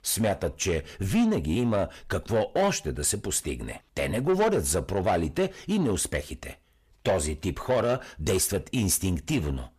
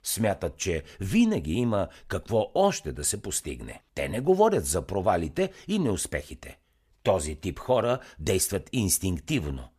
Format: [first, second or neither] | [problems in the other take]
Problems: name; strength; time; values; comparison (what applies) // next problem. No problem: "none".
second | distortion; slight; 10 dB below the speech